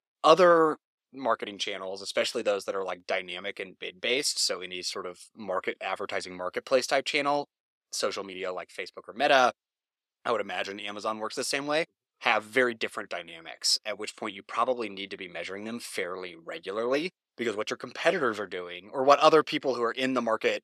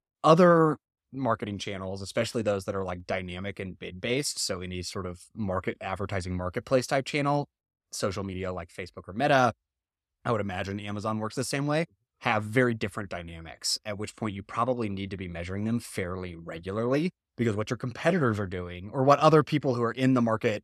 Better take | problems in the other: second | thin; somewhat; fading below 400 Hz

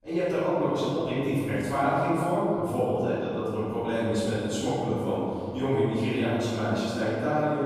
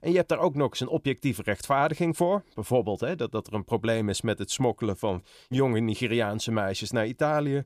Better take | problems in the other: second | off-mic speech; far // room echo; strong; dies away in 2.7 s

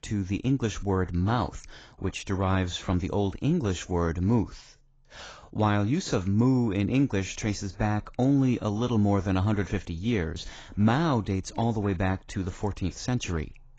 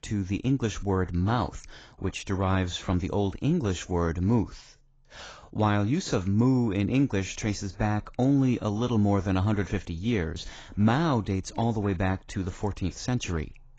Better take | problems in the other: neither | garbled, watery; badly; nothing above 7.5 kHz; the same in both

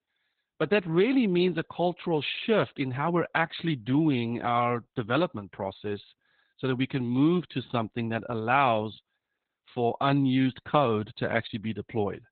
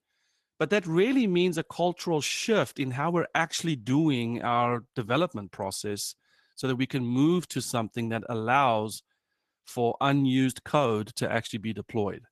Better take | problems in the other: second | garbled, watery; badly; nothing above 4 kHz; slightly in the second

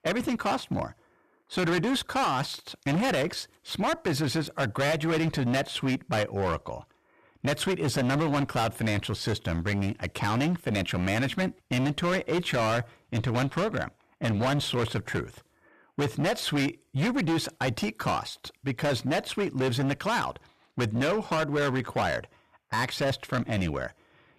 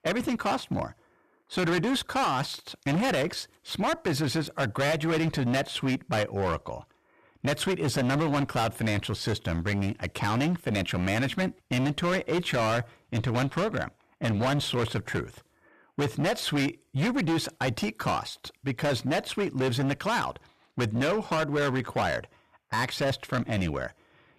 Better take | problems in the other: neither | distortion; heavy; 18% of the sound clipped; the same in both

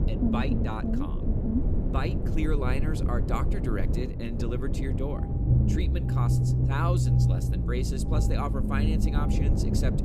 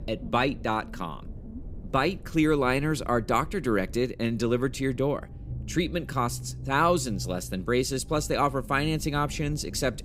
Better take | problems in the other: second | low rumble; loud; throughout; 1 dB below the speech; faint in the second

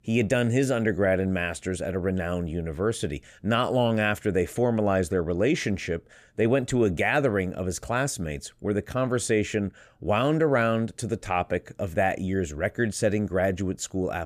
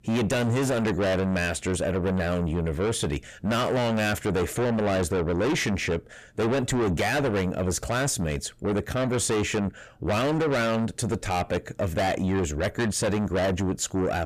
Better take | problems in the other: first | distortion; heavy; 6 dB below the speech

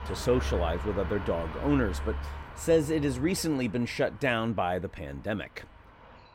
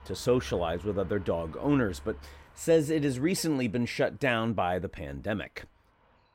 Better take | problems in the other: second | animal sounds; loud; throughout; 8 dB below the speech; faint in the second

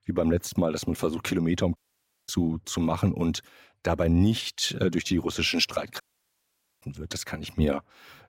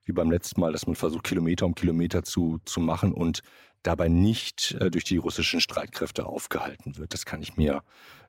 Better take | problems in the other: second | audio cutting out; at 2 s for 0.5 s and at 6 s for 1 s

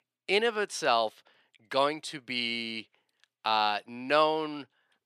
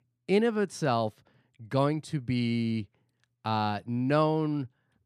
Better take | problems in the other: second | thin; very; fading below 550 Hz

